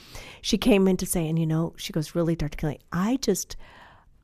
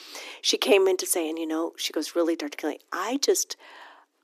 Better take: first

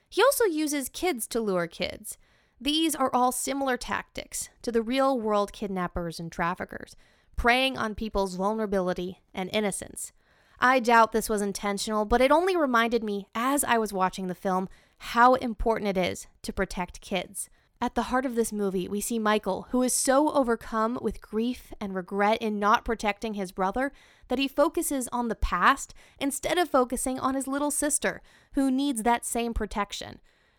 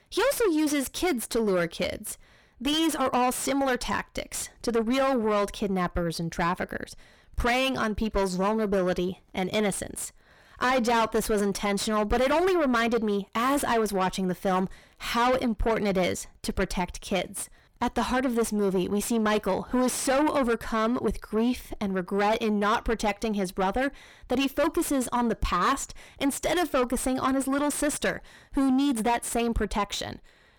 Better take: first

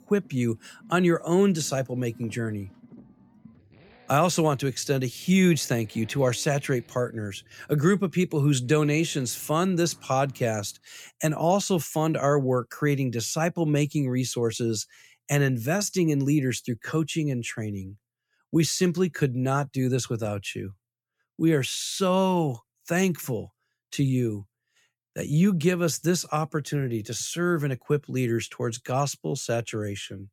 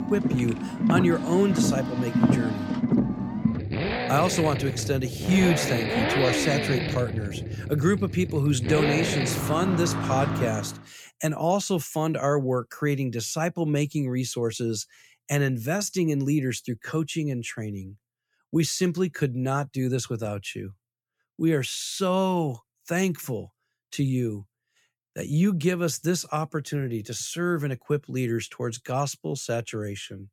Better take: first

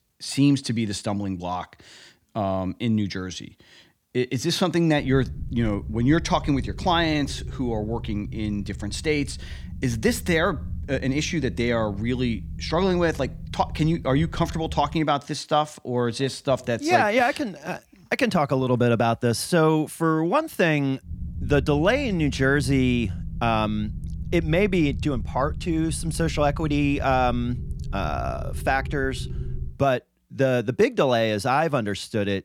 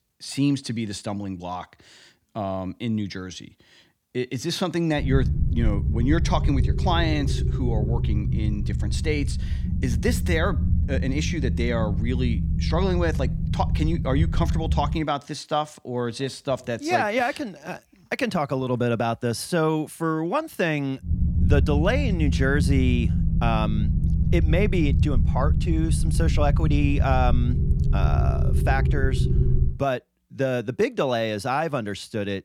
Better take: first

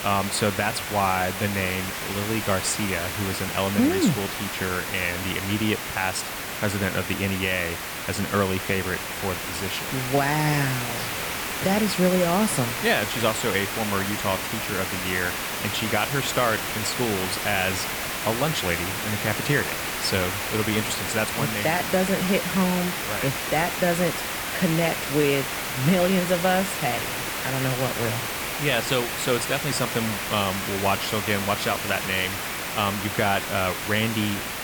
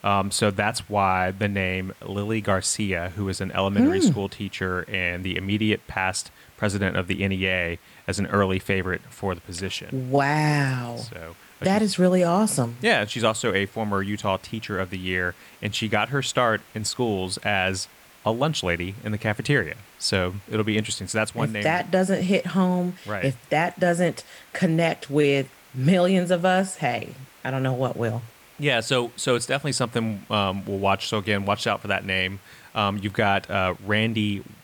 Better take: second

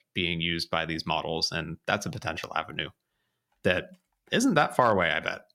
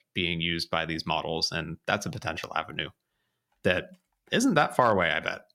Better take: neither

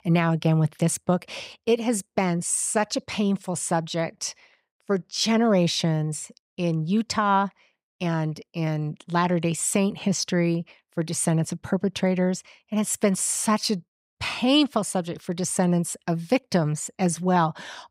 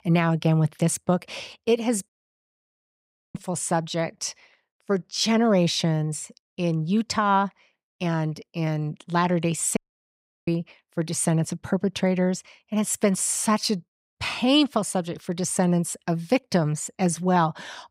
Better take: first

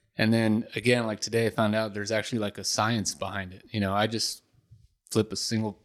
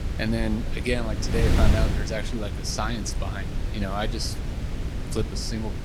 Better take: first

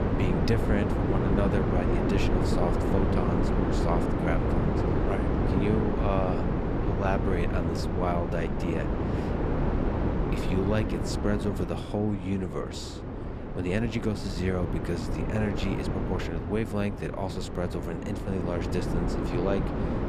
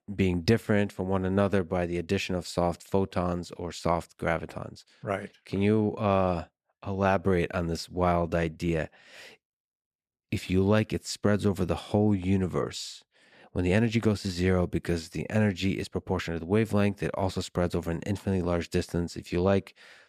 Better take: second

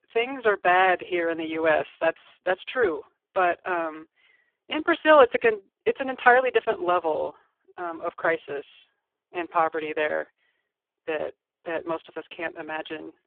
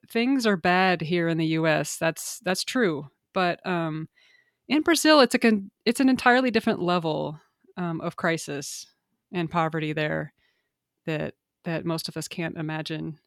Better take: second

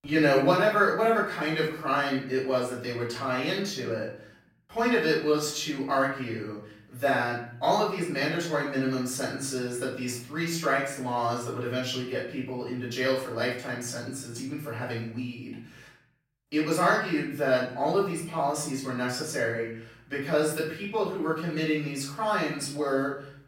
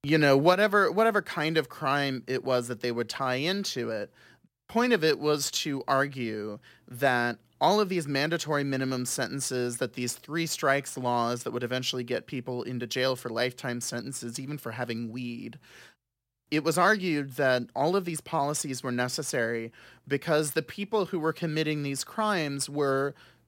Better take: second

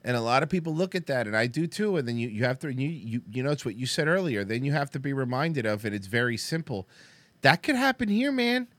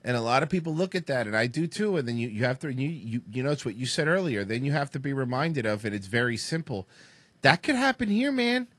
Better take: first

